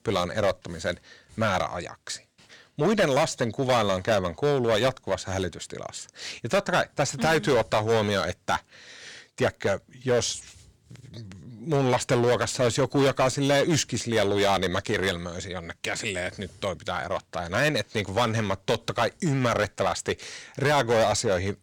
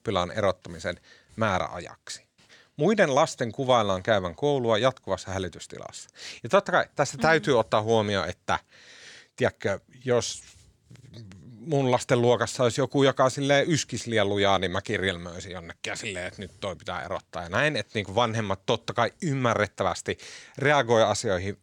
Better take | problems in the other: second | distortion; heavy; 7% of the sound clipped

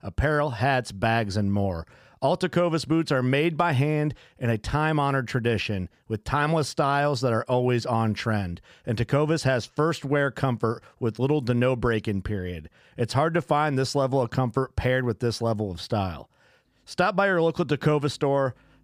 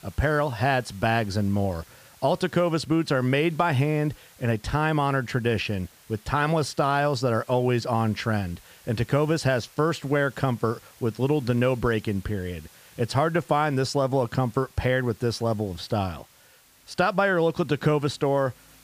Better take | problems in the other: first | hiss; faint; throughout; 25 dB below the speech

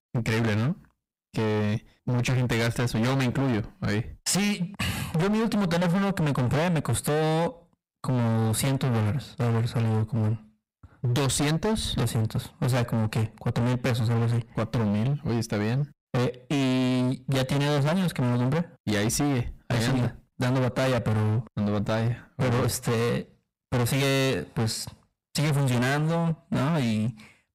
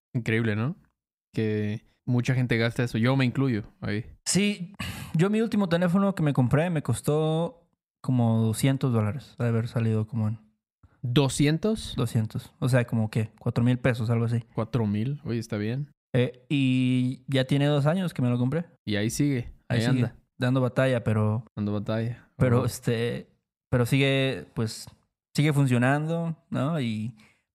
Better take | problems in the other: second | distortion; heavy; 34% of the sound clipped

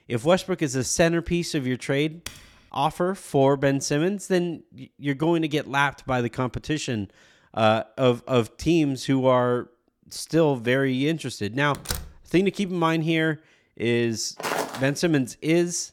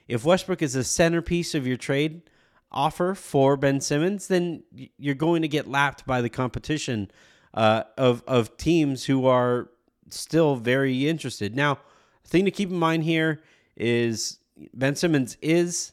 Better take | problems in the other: second | keyboard typing; faint; at 2.5 s; peak 15 dB below the speech // door banging; noticeable; at 12 s; peak 8 dB below the speech // footsteps; noticeable; at 14 s; peak 4 dB below the speech

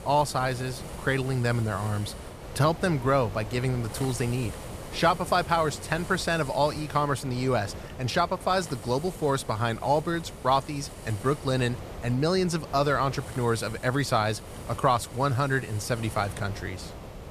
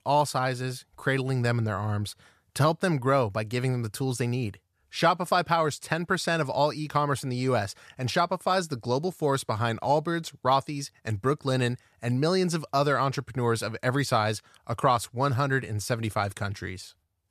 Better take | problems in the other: second | hiss; noticeable; throughout; 15 dB below the speech

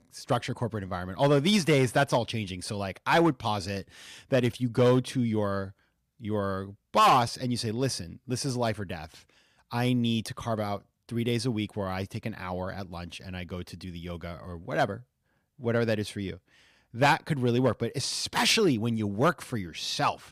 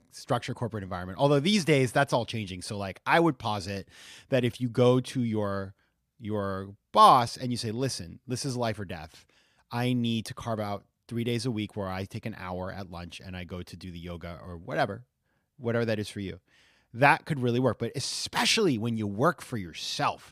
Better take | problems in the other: second | distortion; slight; 1.6% of the sound clipped

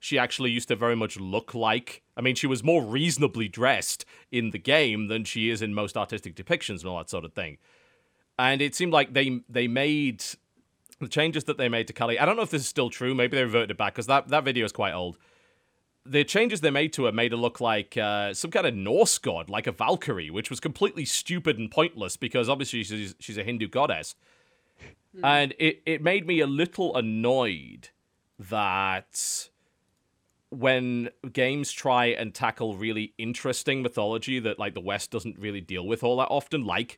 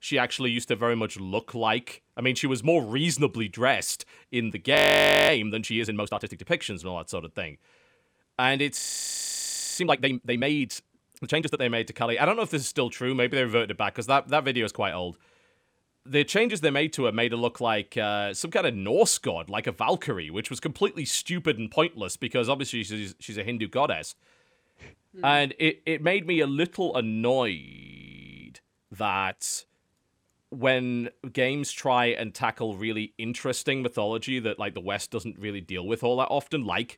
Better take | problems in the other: first | audio freezing; at 5 s for 0.5 s, at 9 s for 1 s and at 28 s for 1 s

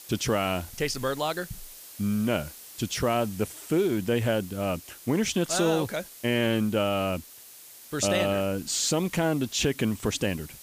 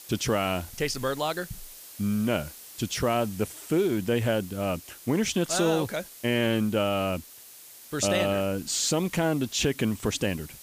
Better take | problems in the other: neither | hiss; noticeable; throughout; 15 dB below the speech; the same in both

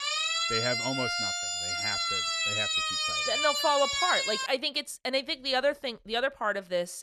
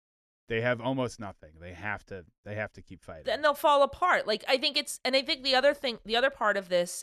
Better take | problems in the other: second | siren; loud; until 4.5 s; peak 4 dB above the speech

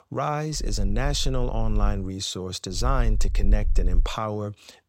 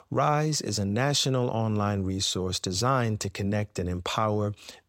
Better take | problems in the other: second | low rumble; faint; from 0.5 to 2 s and from 3 to 4 s; 25 dB below the speech

